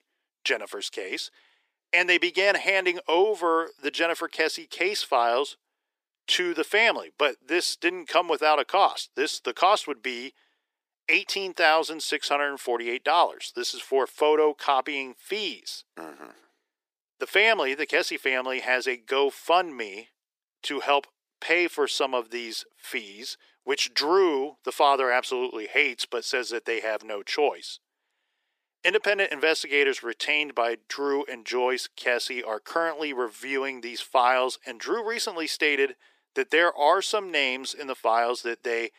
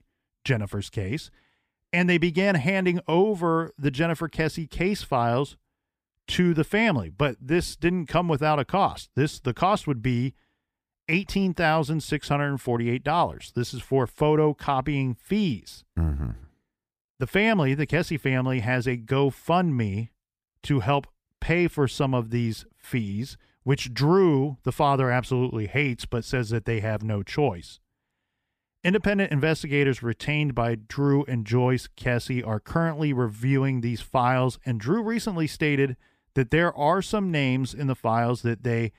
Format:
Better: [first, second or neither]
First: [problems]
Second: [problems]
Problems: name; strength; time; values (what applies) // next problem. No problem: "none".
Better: second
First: thin; very; fading below 350 Hz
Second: none